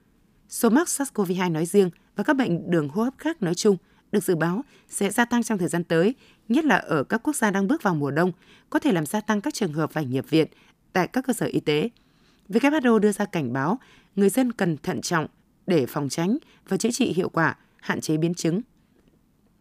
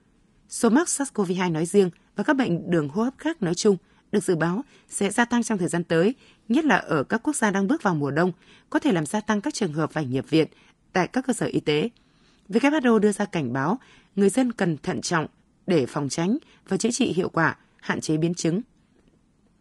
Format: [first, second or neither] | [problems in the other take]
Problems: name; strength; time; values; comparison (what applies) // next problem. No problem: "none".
first | garbled, watery; slightly; nothing above 10.5 kHz